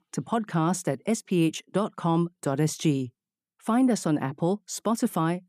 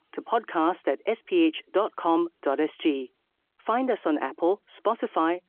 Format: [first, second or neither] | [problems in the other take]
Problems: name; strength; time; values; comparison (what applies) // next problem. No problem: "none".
first | phone-call audio